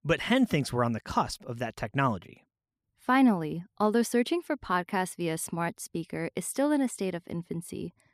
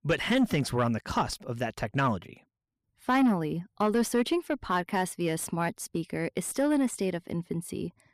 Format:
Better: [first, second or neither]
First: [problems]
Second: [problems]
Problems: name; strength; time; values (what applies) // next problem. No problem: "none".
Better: first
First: none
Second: distortion; slight; 10 dB below the speech